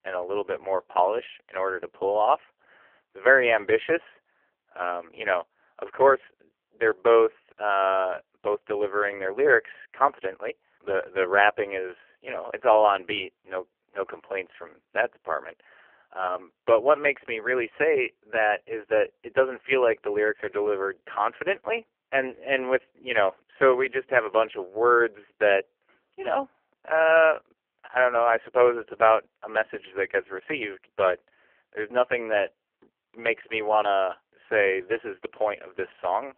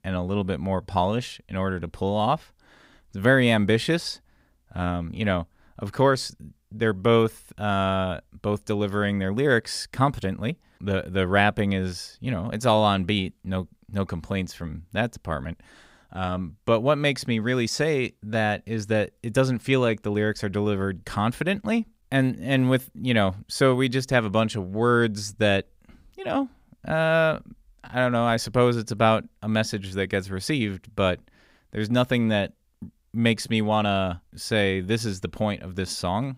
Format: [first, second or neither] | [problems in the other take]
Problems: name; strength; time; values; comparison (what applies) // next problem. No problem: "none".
second | phone-call audio; poor line; nothing above 3 kHz